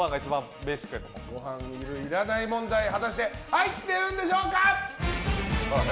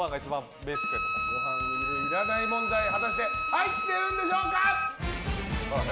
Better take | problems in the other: first | background sound (Wind instrument, woodwind instrument); as loud as the speech

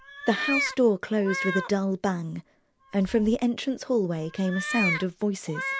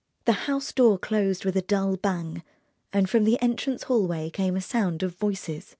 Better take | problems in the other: second | background sound (Meow); 7 dB below the speech

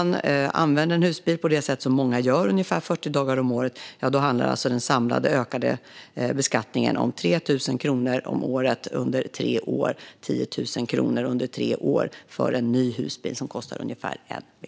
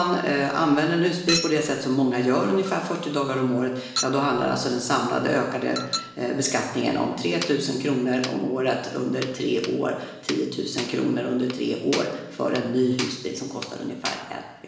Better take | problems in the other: first | background sound (Chink, clink); 13 dB below the speech // room echo; dies away in 0.9 s

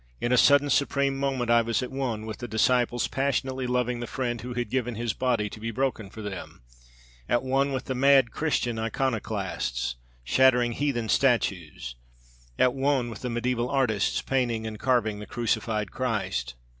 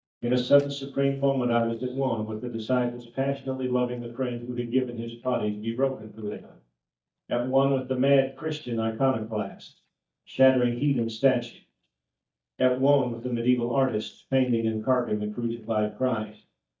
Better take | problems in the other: first | noise reduction (neural mask model DeepFilterNet 3)

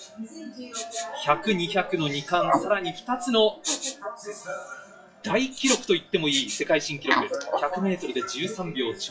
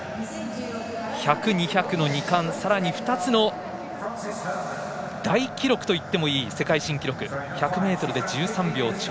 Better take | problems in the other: second | noise reduction (classical method WPE with log-MMSE)

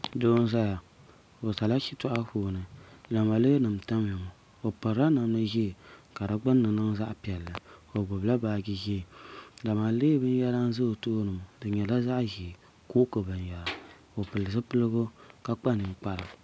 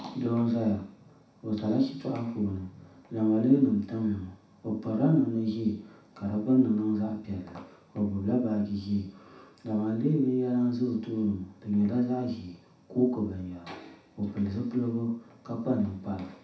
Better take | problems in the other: first | room echo; dies away in 0.7 s

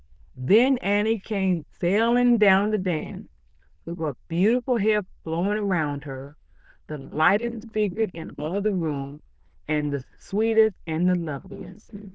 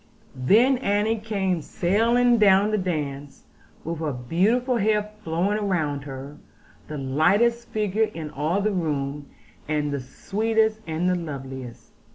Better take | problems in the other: second | noise reduction (neural diffusion model UNIVERSE++)

